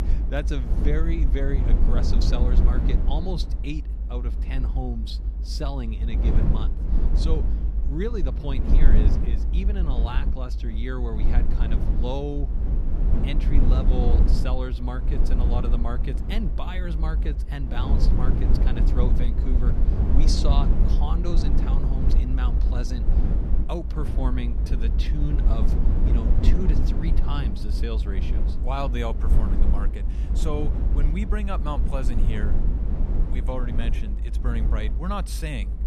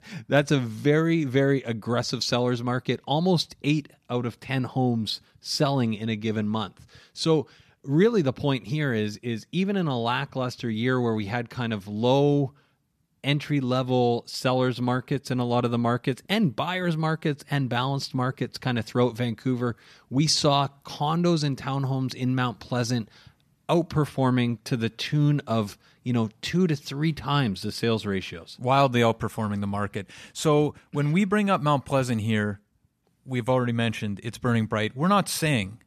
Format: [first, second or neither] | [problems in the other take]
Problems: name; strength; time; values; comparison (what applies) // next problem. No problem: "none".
second | low rumble; loud; throughout; 3 dB below the speech